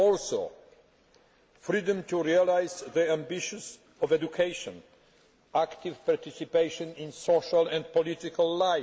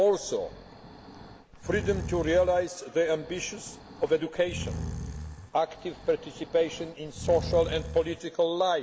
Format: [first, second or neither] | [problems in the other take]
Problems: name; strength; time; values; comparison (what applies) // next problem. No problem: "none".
first | background sound (Breathing); 10 dB below the speech